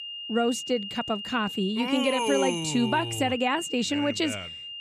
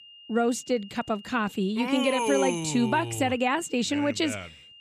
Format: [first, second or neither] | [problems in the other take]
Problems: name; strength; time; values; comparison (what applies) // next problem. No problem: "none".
second | high-pitched whine; loud; throughout; 3 kHz, 8 dB below the speech; faint in the second